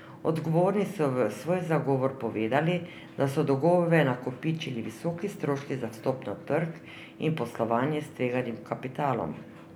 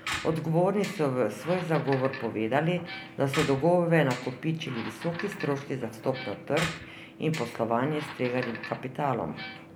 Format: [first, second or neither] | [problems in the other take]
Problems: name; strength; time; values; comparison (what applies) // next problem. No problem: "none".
first | background sound (Squeak); 12 dB below the speech